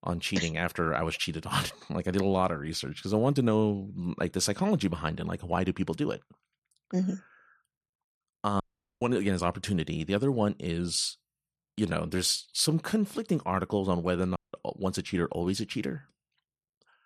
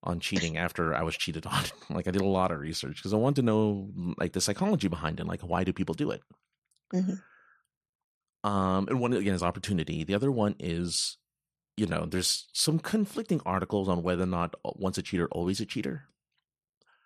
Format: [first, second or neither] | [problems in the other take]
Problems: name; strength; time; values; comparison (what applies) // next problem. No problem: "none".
second | audio cutting out; at 8.5 s and at 14 s